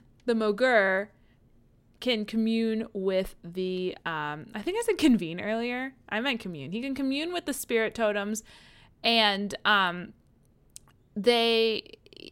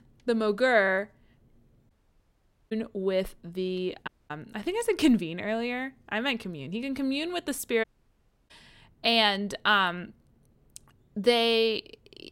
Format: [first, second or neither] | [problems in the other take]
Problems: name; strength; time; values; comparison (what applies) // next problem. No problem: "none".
first | audio cutting out; at 2 s for 1 s, at 4 s and at 8 s for 0.5 s